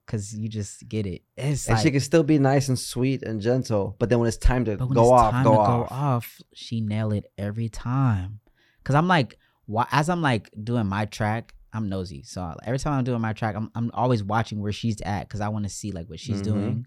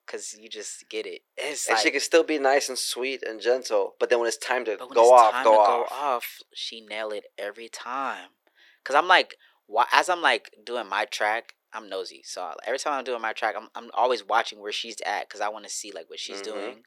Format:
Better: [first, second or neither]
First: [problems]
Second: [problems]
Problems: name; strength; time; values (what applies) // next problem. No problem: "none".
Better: first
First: none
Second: thin; very; fading below 400 Hz